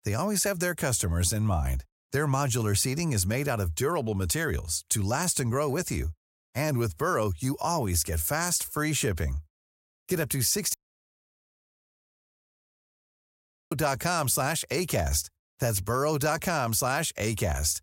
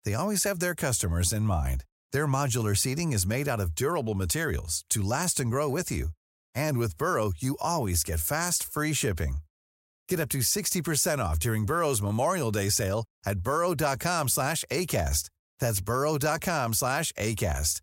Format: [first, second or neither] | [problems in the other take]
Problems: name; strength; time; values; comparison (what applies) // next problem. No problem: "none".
second | audio cutting out; at 11 s for 3 s